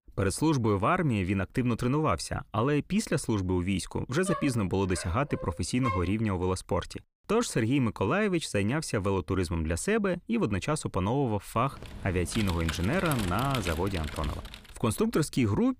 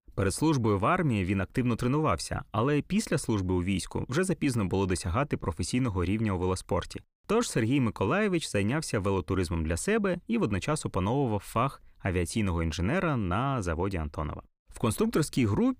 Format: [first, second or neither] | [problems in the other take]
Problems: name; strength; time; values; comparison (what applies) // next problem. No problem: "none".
second | dog barking; noticeable; from 4.5 to 6 s; peak 6 dB below the speech // keyboard typing; noticeable; from 12 to 15 s; peak 6 dB below the speech